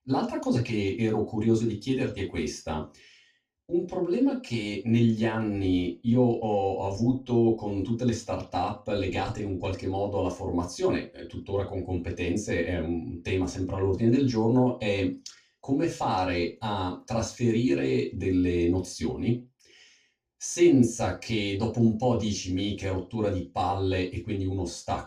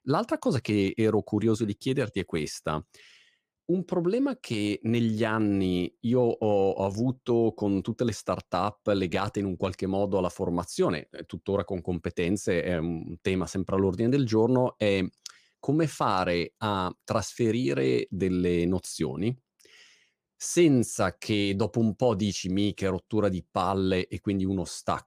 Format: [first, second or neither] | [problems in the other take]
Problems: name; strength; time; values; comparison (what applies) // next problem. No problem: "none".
second | room echo; slight; dies away in 0.2 s // off-mic speech; far